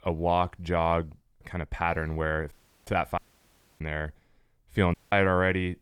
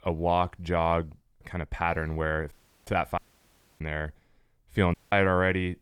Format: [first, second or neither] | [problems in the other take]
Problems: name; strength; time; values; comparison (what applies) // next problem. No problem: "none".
neither | audio cutting out; at 2.5 s, at 3 s for 0.5 s and at 5 s; the same in both